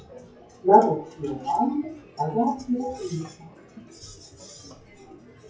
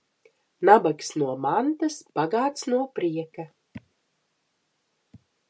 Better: second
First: noise reduction (classical method WPE with log-MMSE)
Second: none

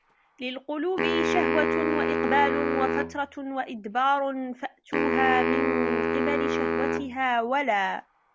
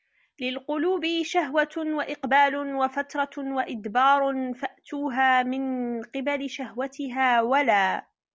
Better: second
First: background sound (Wind instrument, woodwind instrument); 1 dB above the speech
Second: none

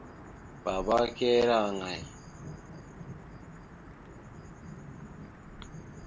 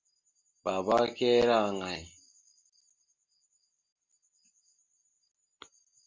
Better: second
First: background sound (Thunder / Wind / Rain); 13 dB below the speech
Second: none

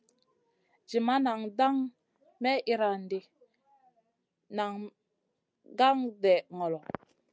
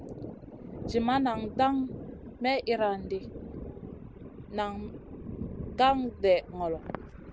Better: first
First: none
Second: background sound (Thunder); 10 dB below the speech

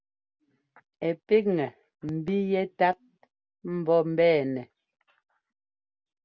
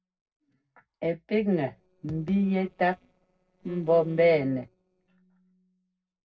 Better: first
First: none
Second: noise reduction (neural separator model SepFormer DNS4)

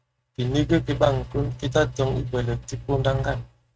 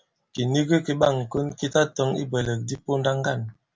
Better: second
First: noise reduction (neural mask model RNNoise)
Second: none

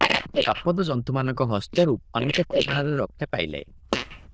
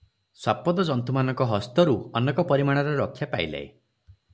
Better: second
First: noise reduction (neural diffusion model UNIVERSE++)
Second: none

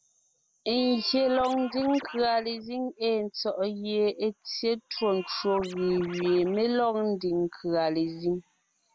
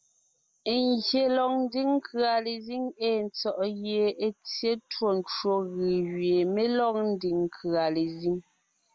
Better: second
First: background sound (Scratching (performance technique)); 16 dB below the speech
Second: none

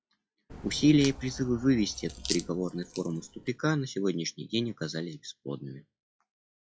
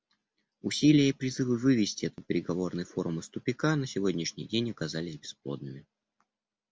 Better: second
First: noise reduction (classical method log-MMSE)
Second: none

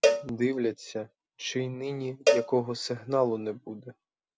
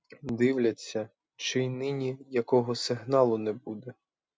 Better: second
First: background sound (Cowbell); as loud as the speech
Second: none

